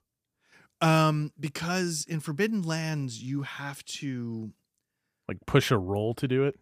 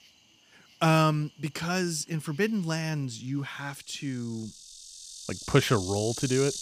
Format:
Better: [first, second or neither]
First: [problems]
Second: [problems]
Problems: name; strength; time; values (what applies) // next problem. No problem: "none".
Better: first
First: none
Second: animal sounds; loud; throughout; 10 dB below the speech